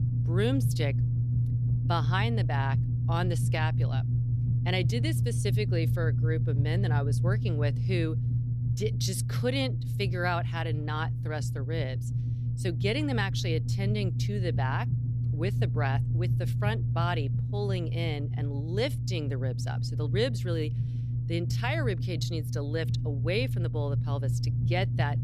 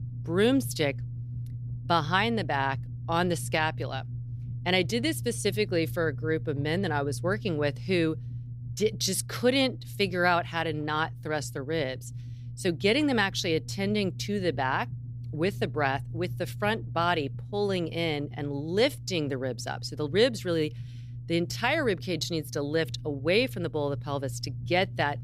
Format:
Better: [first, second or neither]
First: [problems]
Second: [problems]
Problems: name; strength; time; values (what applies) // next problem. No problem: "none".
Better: second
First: low rumble; loud; throughout; 7 dB below the speech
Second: low rumble; faint; throughout; 20 dB below the speech